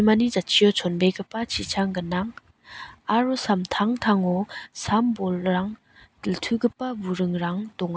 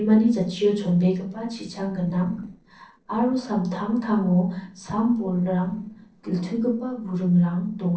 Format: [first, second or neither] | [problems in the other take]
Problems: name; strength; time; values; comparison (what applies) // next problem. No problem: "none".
first | noise reduction (neural separator model SepFormer DNS4)